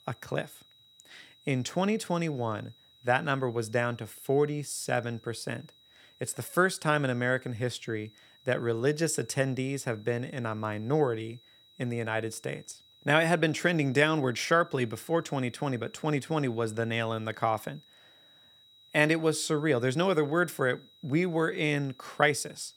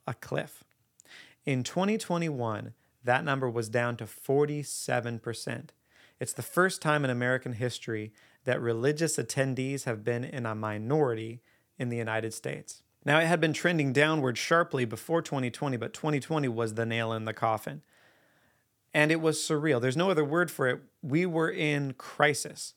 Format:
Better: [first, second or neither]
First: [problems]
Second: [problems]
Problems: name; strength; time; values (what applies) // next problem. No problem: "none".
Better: second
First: high-pitched whine; faint; throughout; 4 kHz, 30 dB below the speech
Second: none